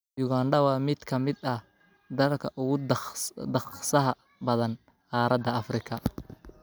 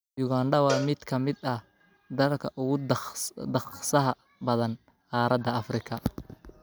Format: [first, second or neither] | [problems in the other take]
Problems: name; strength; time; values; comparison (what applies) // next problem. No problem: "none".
first | background sound (Cowbell); 11 dB below the speech